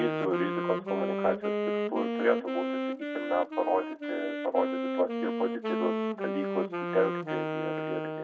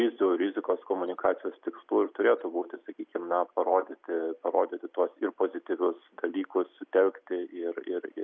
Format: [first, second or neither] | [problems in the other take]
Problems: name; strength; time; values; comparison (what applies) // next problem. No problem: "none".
second | background sound (Wind instrument, woodwind instrument); as loud as the speech // room echo; dies away in 0.3 s